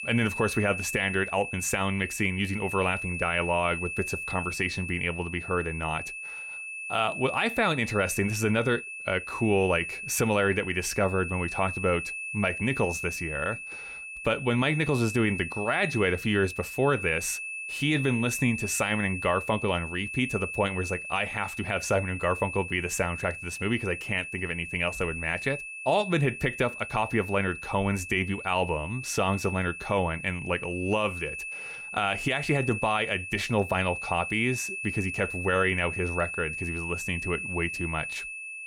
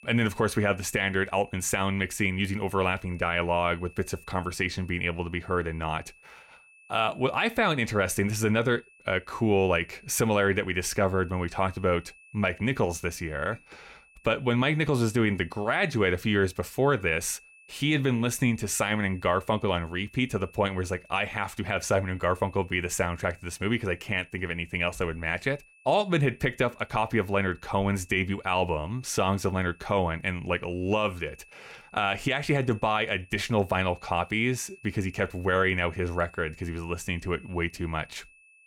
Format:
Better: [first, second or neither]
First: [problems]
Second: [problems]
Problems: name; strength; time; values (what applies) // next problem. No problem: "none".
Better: second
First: high-pitched whine; loud; throughout; 2.5 kHz, 6 dB below the speech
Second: high-pitched whine; faint; throughout; 2.5 kHz, 25 dB below the speech